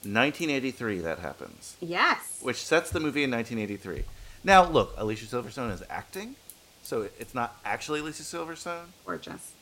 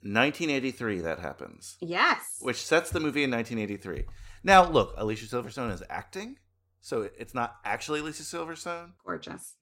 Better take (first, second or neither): second